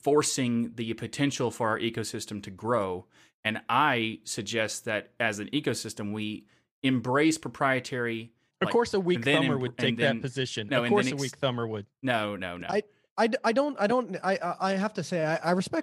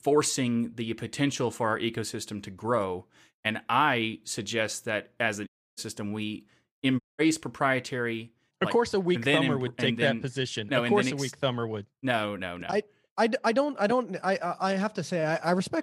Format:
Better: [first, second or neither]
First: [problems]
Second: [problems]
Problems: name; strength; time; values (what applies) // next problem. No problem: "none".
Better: first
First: none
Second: audio cutting out; at 5.5 s and at 7 s